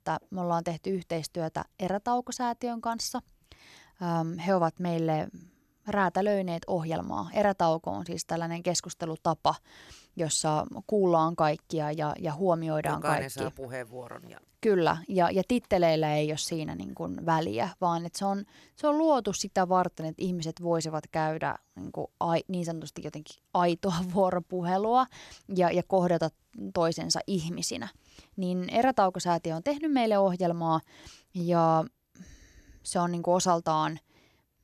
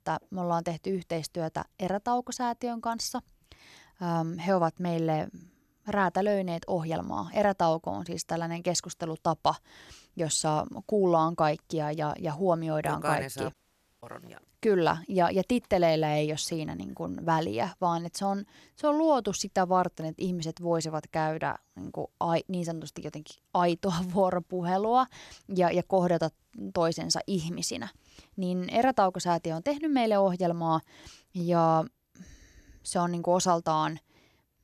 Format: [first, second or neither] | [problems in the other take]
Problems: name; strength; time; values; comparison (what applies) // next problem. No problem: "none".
first | audio cutting out; at 14 s